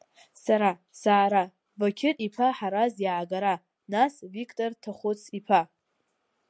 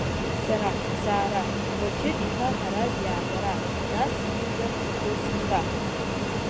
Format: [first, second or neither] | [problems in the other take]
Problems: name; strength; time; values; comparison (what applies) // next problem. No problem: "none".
first | background sound (Fixed-wing aircraft, airplane); 4 dB above the speech